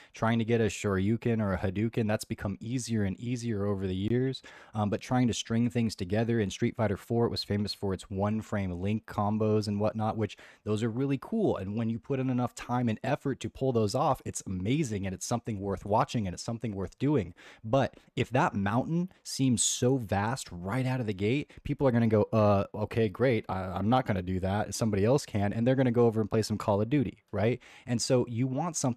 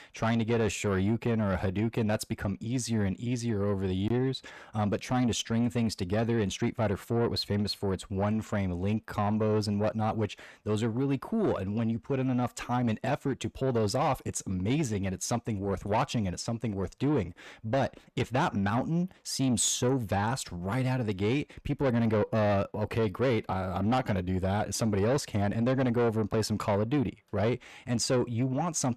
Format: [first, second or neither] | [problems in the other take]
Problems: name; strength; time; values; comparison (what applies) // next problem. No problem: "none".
first | distortion; slight; 10 dB below the speech